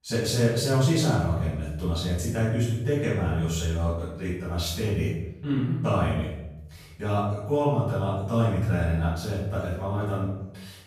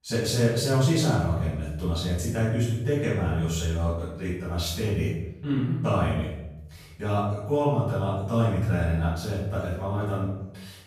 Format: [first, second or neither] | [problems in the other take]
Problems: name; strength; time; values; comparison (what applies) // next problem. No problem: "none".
neither | off-mic speech; far; the same in both // room echo; strong; dies away in 0.8 s; the same in both